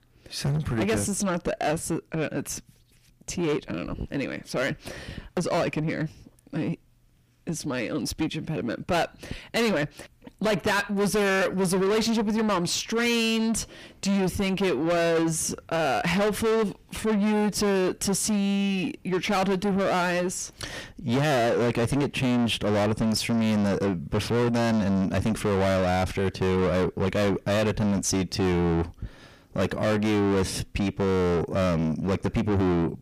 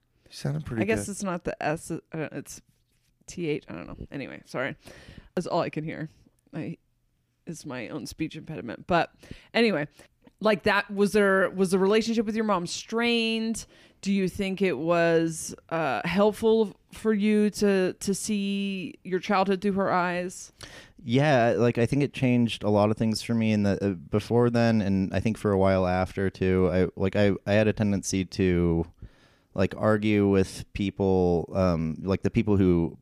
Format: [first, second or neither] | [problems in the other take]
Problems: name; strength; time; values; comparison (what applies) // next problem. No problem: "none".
second | distortion; heavy; 6 dB below the speech